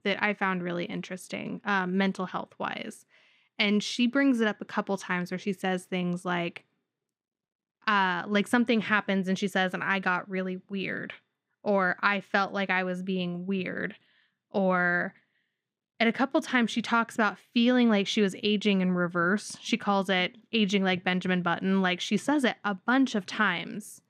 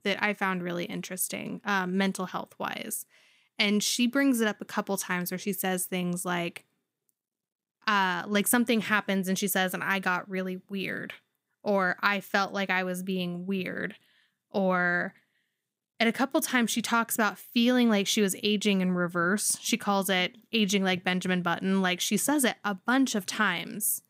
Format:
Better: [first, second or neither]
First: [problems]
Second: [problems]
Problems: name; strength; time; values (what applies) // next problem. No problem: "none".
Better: second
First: muffled; slightly; fading above 3.5 kHz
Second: none